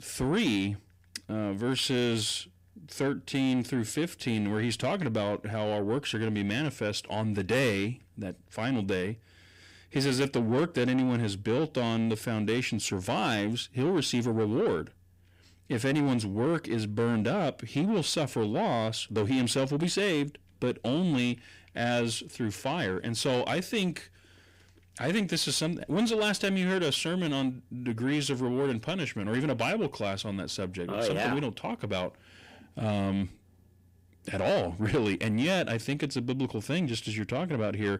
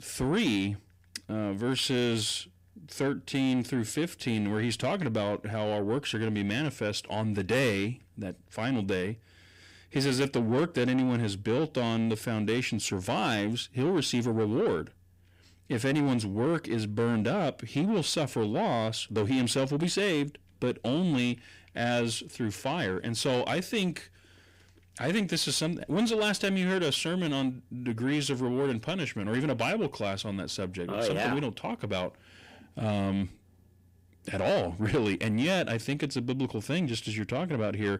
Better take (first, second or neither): neither